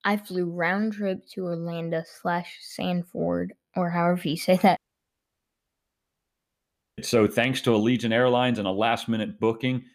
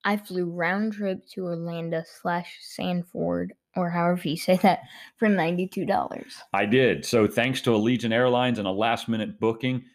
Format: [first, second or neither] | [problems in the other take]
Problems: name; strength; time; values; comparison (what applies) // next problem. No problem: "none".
second | audio cutting out; at 5 s for 2 s